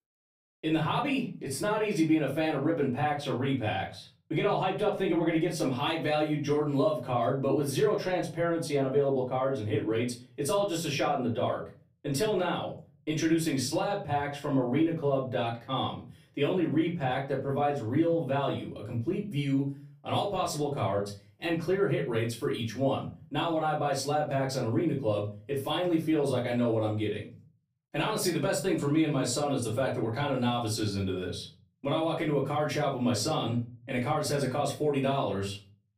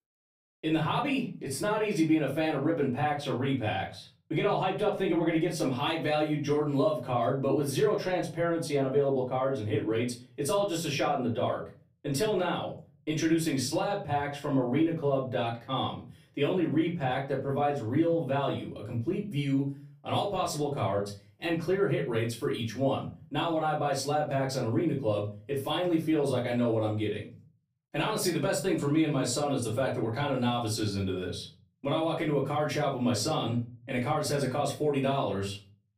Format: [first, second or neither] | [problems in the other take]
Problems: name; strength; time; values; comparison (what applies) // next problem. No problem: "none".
neither | off-mic speech; far; the same in both // room echo; very slight; dies away in 0.4 s; the same in both